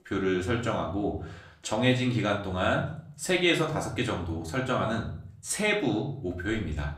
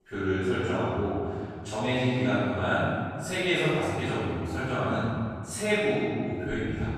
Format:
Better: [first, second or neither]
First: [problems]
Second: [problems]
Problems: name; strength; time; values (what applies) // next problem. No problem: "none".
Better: first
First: room echo; slight; dies away in 0.4 s // off-mic speech; far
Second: room echo; strong; dies away in 2.1 s // off-mic speech; far